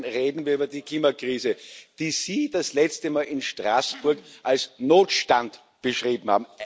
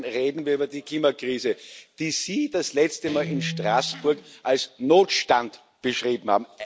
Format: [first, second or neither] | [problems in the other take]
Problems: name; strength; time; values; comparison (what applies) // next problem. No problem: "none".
first | background sound (Guitar); 13 dB below the speech